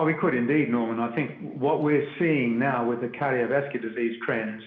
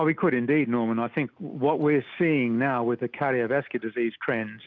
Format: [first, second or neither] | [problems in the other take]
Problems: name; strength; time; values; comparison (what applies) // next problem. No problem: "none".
second | room echo; dies away in 0.7 s